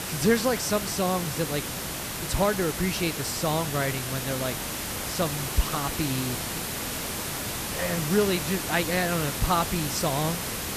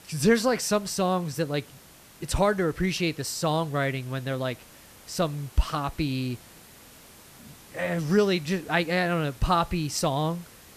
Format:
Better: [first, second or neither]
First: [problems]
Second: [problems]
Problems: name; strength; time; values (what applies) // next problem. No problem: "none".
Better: second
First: hiss; loud; throughout; 3 dB below the speech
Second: hiss; faint; throughout; 20 dB below the speech